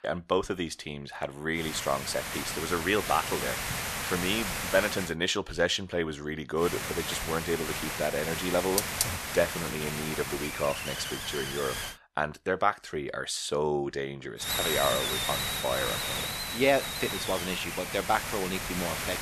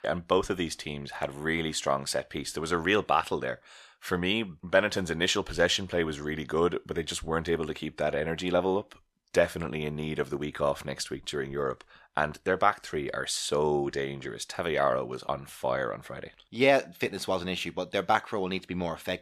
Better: second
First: hiss; loud; from 1.5 to 5 s, from 6.5 to 12 s and from 14 s on; 1 dB below the speech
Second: none

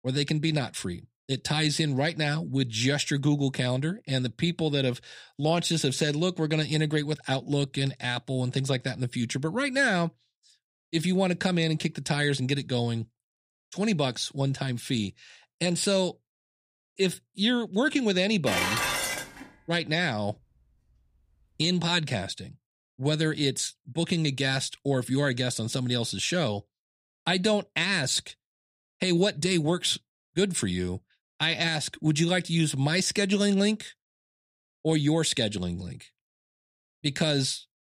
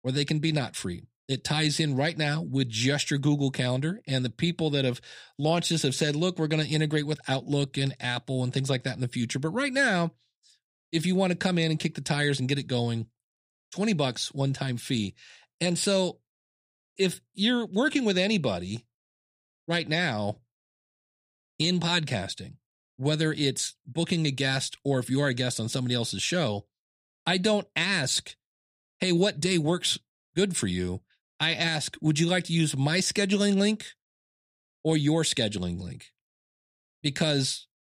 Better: second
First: clattering dishes; loud; at 18 s; peak 2 dB above the speech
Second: none

